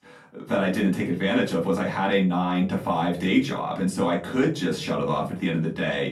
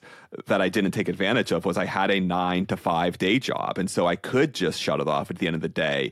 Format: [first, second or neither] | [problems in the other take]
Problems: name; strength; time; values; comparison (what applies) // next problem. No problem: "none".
second | off-mic speech; far // room echo; slight; dies away in 0.3 s